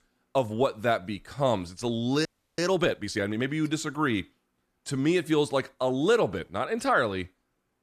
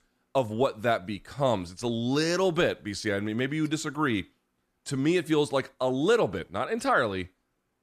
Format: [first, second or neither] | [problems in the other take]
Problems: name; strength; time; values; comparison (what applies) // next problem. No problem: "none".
second | audio freezing; at 2.5 s